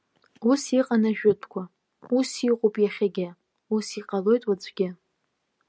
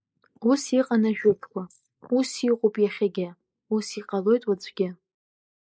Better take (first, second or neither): first